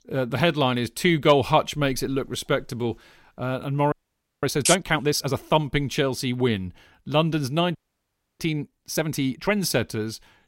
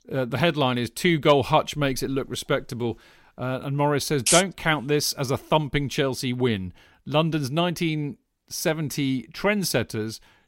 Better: second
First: audio freezing; at 4 s for 0.5 s and at 8 s for 0.5 s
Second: none

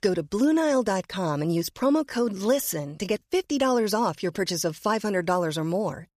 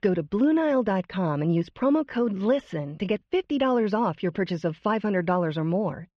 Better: first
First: none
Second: muffled; very; fading above 3 kHz

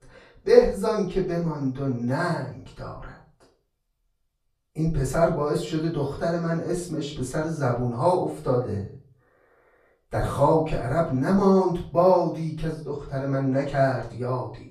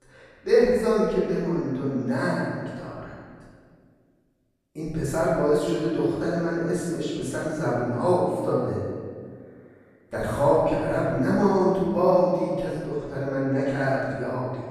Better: first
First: room echo; slight; dies away in 0.4 s // off-mic speech; far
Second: room echo; strong; dies away in 1.7 s // off-mic speech; far

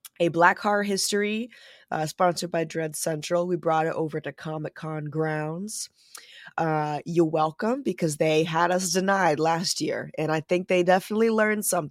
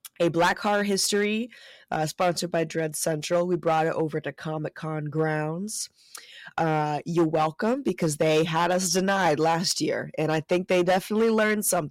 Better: first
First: none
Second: distortion; slight; 5% of the sound clipped

